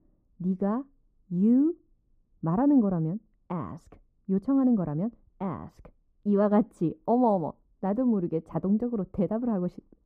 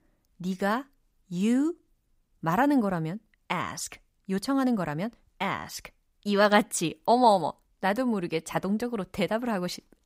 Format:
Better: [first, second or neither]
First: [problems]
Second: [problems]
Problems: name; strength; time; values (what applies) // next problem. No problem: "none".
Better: second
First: muffled; very; fading above 1 kHz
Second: none